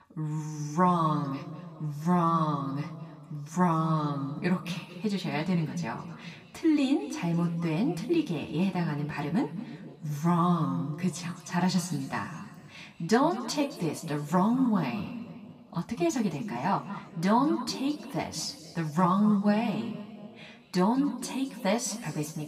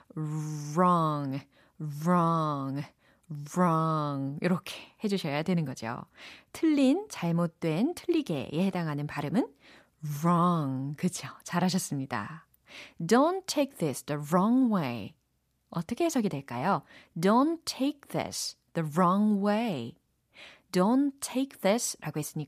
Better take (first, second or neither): second